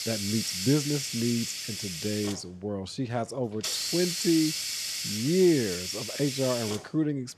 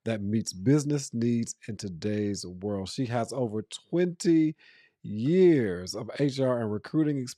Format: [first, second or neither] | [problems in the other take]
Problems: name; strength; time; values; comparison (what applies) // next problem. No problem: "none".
second | hiss; loud; throughout; 2 dB below the speech